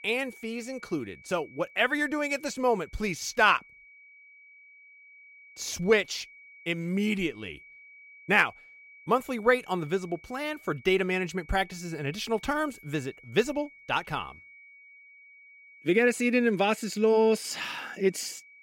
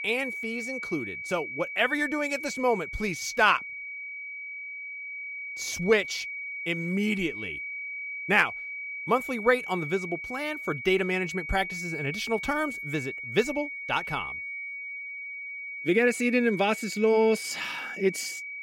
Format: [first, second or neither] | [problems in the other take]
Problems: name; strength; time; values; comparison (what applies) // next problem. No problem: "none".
first | high-pitched whine; loud; throughout; 2.5 kHz, 7 dB below the speech; faint in the first